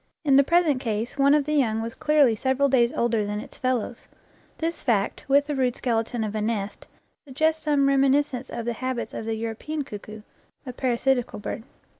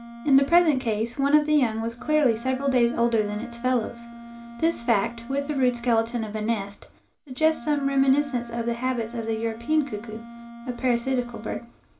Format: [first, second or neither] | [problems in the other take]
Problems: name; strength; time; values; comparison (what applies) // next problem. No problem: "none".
first | background sound (Wind instrument, woodwind instrument); 15 dB below the speech // room echo; dies away in 0.2 s